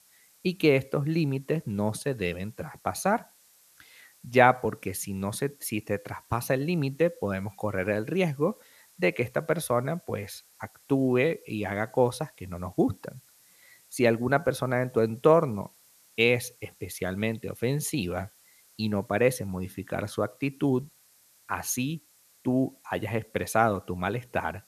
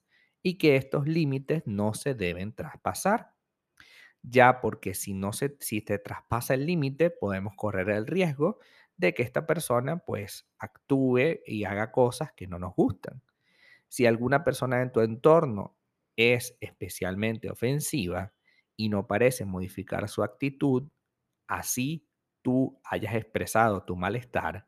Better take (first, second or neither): second